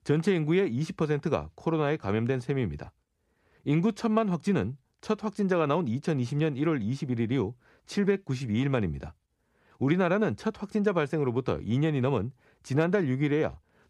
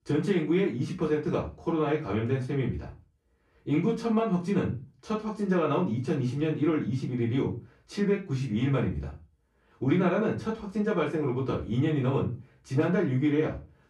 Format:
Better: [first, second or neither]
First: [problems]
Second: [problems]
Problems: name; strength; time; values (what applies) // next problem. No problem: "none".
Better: first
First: none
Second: off-mic speech; far // room echo; slight; dies away in 0.3 s